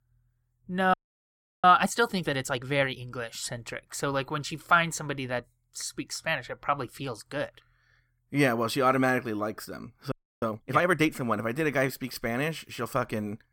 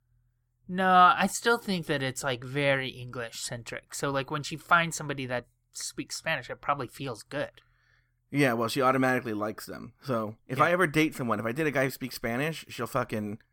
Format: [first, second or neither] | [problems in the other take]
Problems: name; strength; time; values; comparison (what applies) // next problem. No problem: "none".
second | audio freezing; at 1 s for 0.5 s and at 10 s